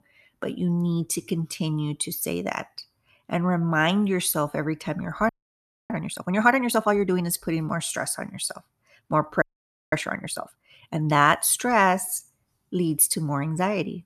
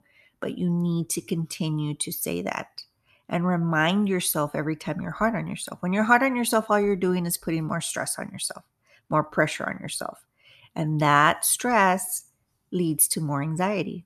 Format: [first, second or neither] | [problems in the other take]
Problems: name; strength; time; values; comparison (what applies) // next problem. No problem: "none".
second | audio freezing; at 5.5 s for 0.5 s and at 9.5 s for 0.5 s